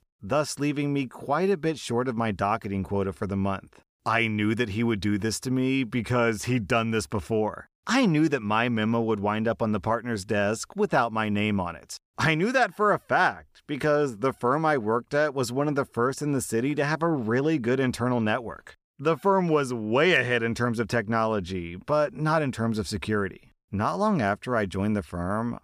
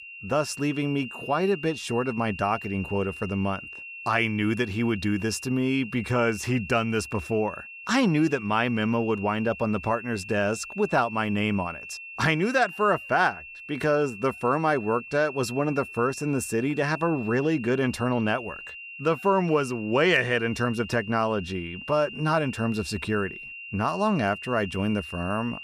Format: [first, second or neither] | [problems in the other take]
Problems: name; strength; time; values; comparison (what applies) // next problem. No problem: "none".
first | high-pitched whine; noticeable; throughout; 2.5 kHz, 15 dB below the speech